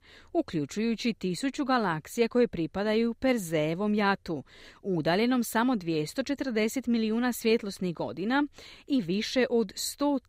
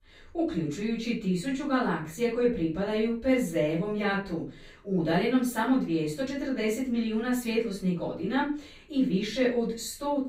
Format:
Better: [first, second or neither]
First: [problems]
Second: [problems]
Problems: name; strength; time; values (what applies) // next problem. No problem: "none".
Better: first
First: none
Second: off-mic speech; far // room echo; slight; dies away in 0.3 s